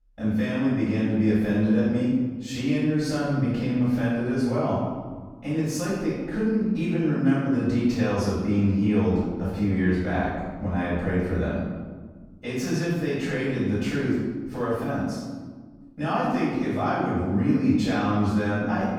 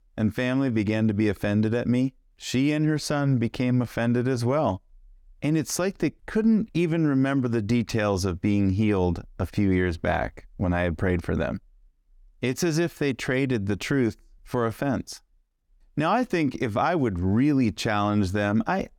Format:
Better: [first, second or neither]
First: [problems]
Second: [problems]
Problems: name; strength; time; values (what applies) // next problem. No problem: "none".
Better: second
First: off-mic speech; far // room echo; strong; dies away in 1.3 s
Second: none